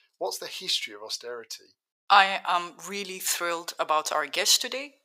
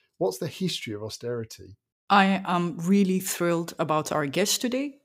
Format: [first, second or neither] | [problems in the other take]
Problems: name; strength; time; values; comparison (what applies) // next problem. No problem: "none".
second | thin; very; fading below 800 Hz